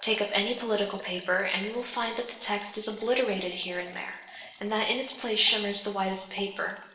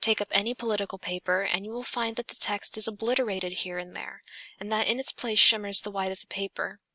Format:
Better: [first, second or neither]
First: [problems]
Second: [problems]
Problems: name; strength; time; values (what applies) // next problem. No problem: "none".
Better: second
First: background sound (Liquid); 18 dB below the speech // room echo; dies away in 0.8 s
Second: none